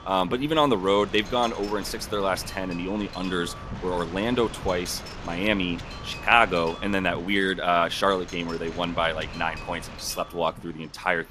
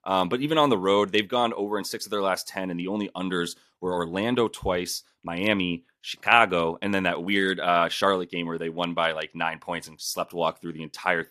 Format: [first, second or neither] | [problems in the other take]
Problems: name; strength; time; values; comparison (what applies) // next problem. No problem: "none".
second | wind noise on the microphone; occasional gusts; 15 dB below the speech